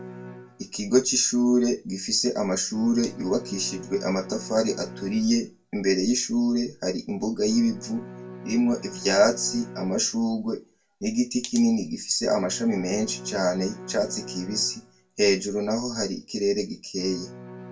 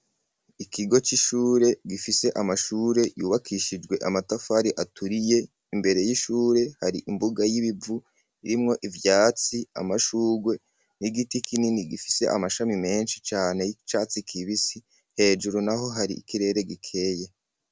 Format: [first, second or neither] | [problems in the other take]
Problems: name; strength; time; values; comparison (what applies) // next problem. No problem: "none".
second | background sound (Bowed string instrument); 17 dB below the speech // room echo; dies away in 0.2 s